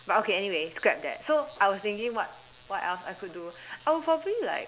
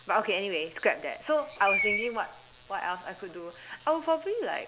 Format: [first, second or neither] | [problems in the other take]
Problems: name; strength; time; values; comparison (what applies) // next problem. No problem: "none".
first | background sound (Screech); 6 dB below the speech